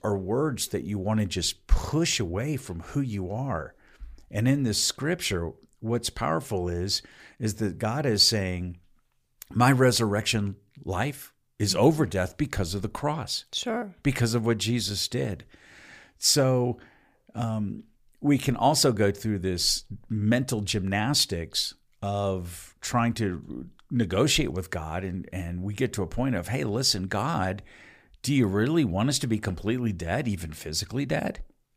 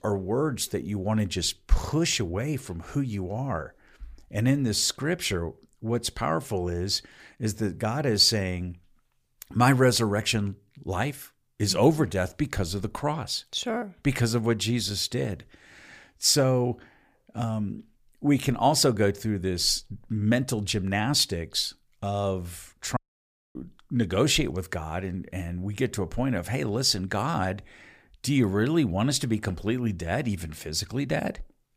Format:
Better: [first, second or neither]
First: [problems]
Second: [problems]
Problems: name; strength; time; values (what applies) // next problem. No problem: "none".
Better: first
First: none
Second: audio cutting out; at 23 s for 0.5 s